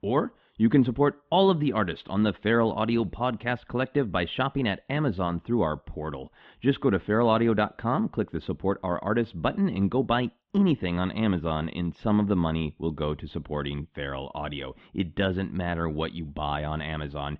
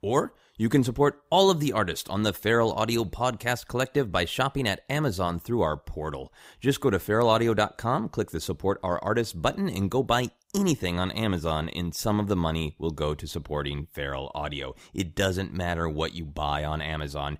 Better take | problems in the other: second | muffled; very; fading above 3.5 kHz

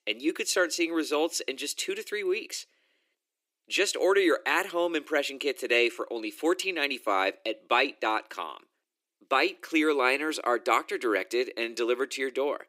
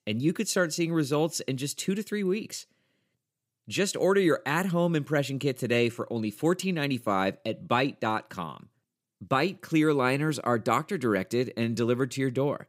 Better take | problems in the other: second | thin; very; fading below 350 Hz

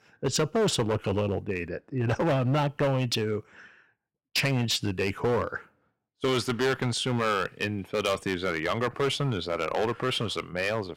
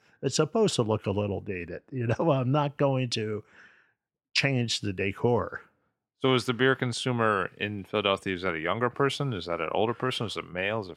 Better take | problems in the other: second | distortion; heavy; 9% of the sound clipped

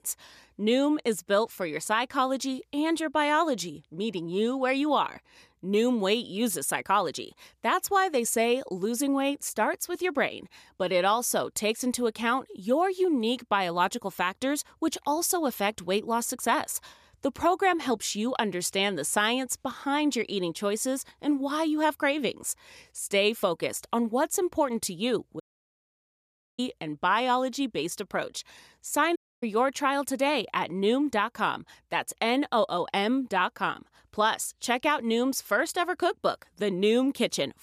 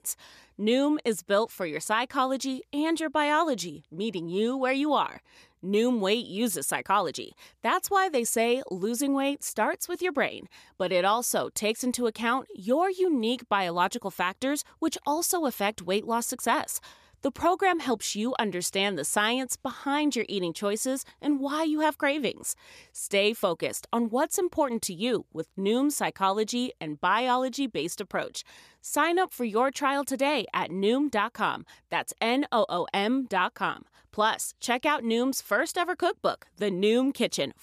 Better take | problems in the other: second | audio cutting out; at 25 s for 1 s and at 29 s

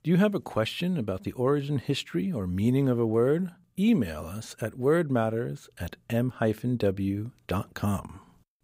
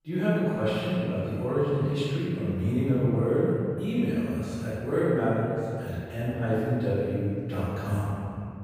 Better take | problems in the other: first | off-mic speech; far // room echo; strong; dies away in 2.7 s

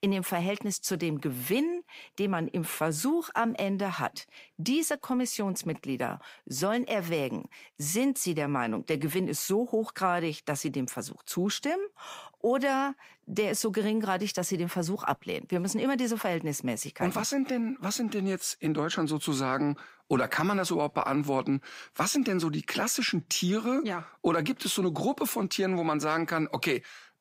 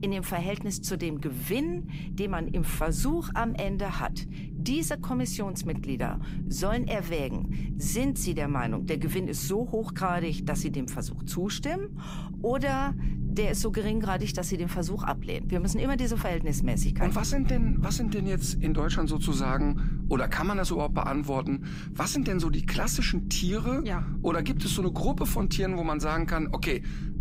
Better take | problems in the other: first | low rumble; noticeable; throughout; 10 dB below the speech

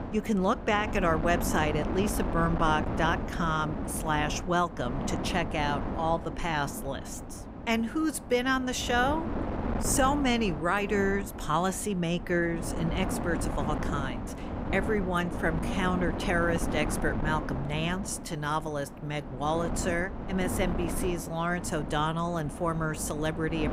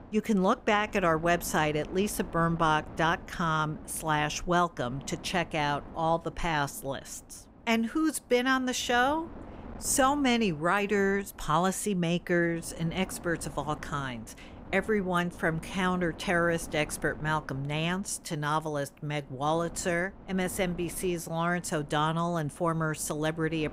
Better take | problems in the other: second | wind noise on the microphone; heavy; 9 dB below the speech; occasional gusts in the second

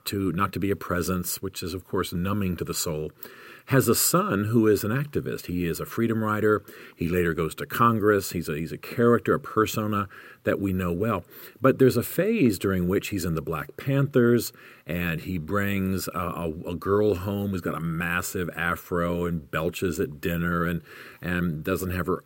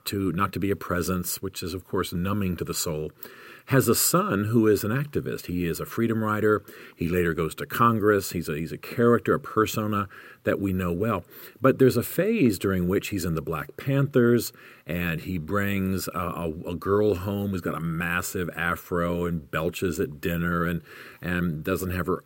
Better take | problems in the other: neither | none

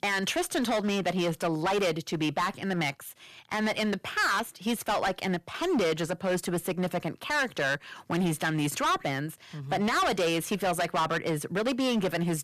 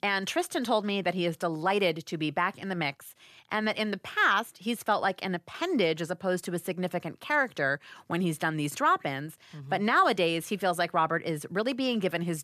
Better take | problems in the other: second | distortion; heavy; 15% of the sound clipped

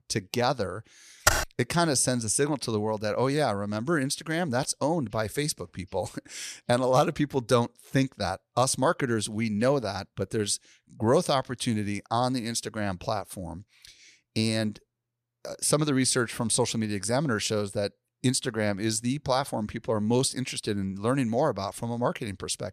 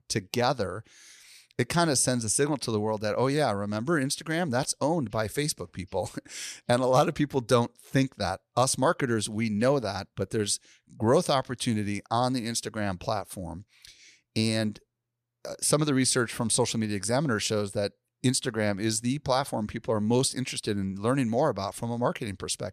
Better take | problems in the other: second | keyboard typing; loud; at 1.5 s; peak 3 dB above the speech

